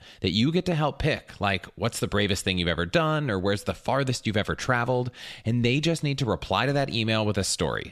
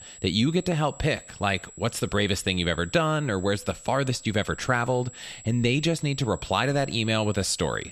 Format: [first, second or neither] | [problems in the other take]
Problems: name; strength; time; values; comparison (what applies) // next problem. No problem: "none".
first | high-pitched whine; noticeable; throughout; 7.5 kHz, 20 dB below the speech